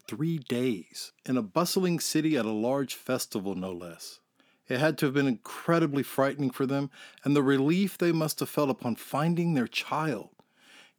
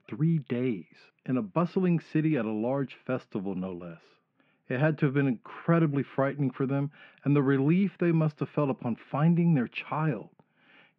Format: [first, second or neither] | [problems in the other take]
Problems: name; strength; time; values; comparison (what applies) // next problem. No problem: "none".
first | muffled; very; fading above 2.5 kHz